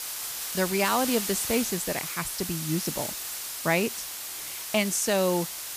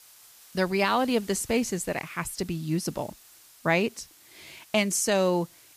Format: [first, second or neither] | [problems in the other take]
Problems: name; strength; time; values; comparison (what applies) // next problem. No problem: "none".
second | hiss; loud; throughout; 4 dB below the speech; faint in the second